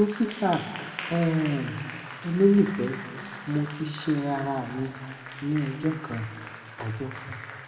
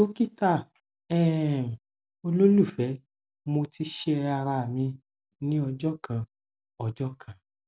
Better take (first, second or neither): second